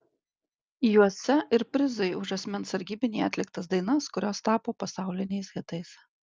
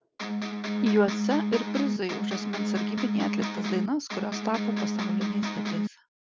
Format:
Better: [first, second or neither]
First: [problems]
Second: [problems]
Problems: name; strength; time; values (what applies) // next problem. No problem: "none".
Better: first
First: none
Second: background sound (Electric guitar); 2 dB above the speech